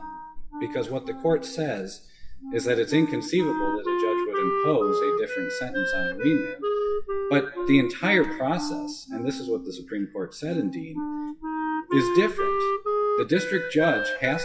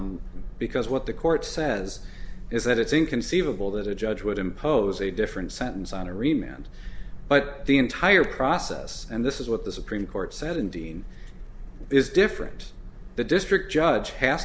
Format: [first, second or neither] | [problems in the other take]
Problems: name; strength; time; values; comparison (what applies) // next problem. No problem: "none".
second | noise reduction (classical method WPE with log-MMSE)